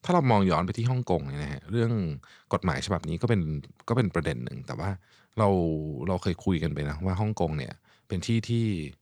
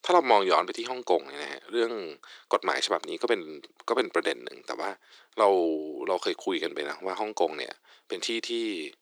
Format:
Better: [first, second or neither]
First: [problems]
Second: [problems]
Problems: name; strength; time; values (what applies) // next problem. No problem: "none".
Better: first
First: none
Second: thin; very; fading below 350 Hz